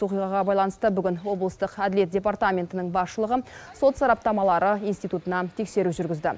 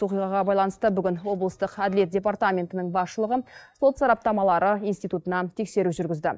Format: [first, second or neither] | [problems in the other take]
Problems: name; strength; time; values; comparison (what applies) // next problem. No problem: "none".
first | noise reduction (neural mask model DeepFilterNet 3)